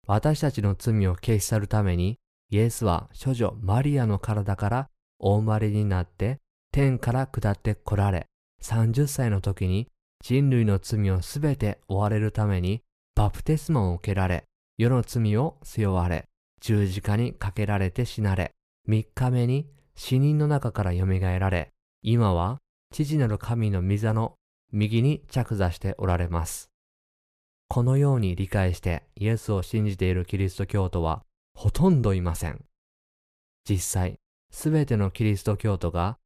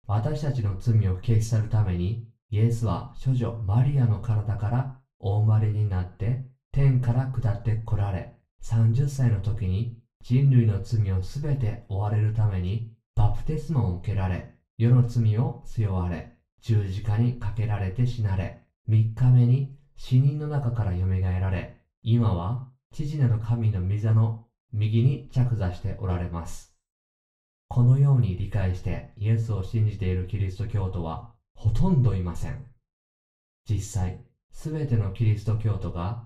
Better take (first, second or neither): first